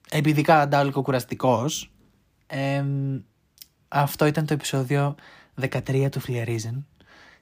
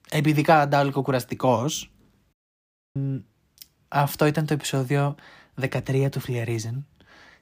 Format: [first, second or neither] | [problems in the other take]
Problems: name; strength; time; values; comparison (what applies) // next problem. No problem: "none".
first | audio cutting out; at 2.5 s for 0.5 s